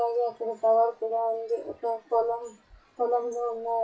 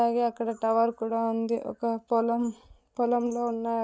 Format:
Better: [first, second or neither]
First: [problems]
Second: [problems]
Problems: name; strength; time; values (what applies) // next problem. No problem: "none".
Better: second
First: noise reduction (classical method WPE with log-MMSE)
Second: none